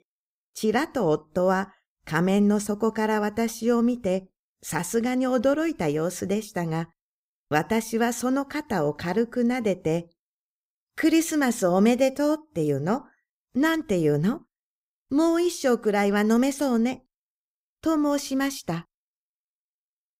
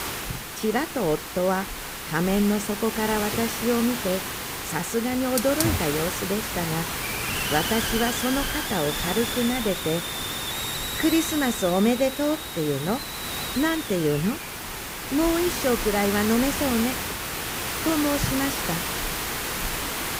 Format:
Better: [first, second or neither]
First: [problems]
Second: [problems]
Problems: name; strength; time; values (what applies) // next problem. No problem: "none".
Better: first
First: none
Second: hiss; loud; throughout; 2 dB below the speech